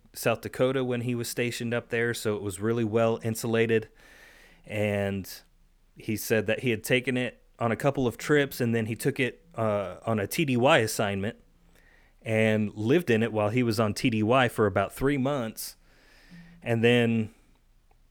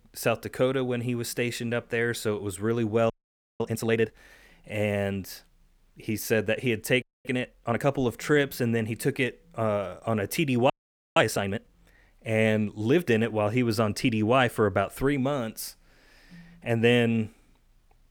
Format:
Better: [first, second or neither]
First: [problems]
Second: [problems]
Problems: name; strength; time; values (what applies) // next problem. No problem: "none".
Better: first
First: none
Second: audio freezing; at 3 s for 0.5 s, at 7 s and at 11 s